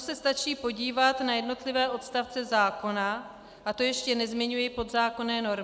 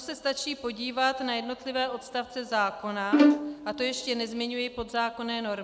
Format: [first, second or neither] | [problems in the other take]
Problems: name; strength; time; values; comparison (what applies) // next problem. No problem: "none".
first | background sound (Bowed string instrument); 5 dB above the speech